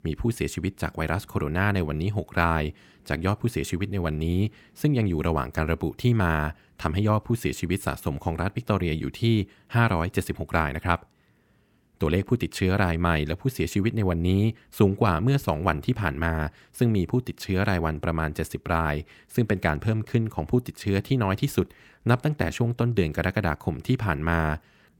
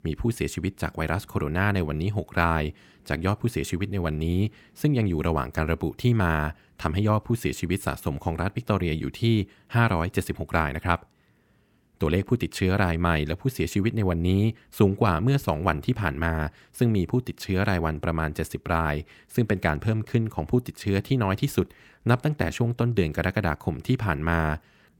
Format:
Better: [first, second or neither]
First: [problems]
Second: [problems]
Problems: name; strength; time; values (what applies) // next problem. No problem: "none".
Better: neither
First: none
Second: none